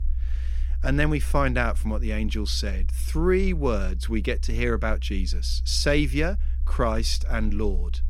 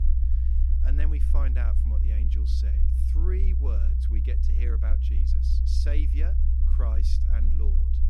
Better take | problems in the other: first | low rumble; loud; throughout; as loud as the speech; faint in the first

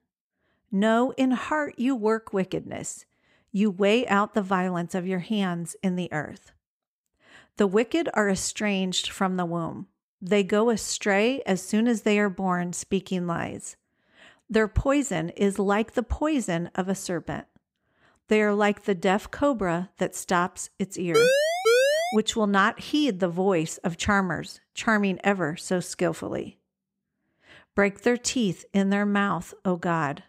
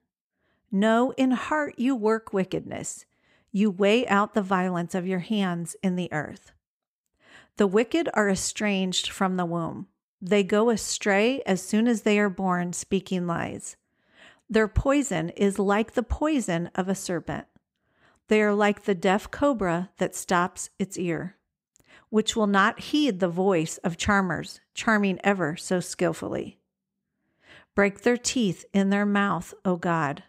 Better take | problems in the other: second | siren; loud; from 21 to 22 s; peak 5 dB above the speech

